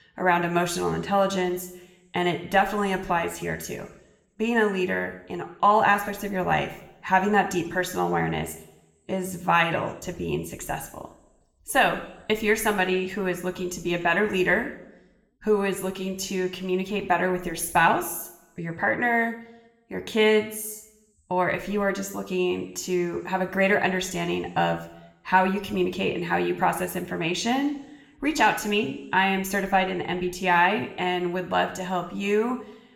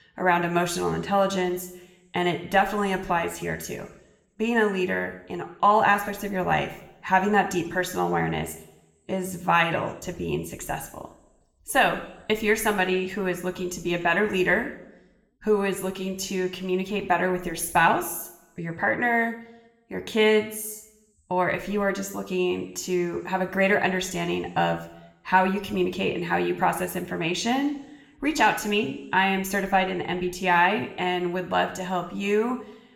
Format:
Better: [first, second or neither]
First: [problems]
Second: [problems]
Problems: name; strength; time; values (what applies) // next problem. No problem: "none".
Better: neither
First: room echo; slight; dies away in 0.7 s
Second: room echo; slight; dies away in 0.7 s